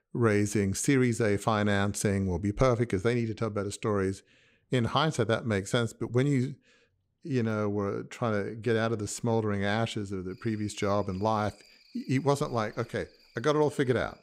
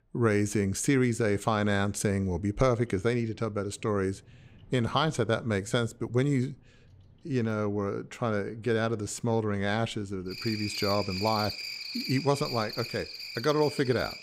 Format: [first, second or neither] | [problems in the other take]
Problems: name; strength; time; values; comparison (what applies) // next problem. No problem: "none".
first | animal sounds; loud; throughout; 7 dB below the speech; faint in the first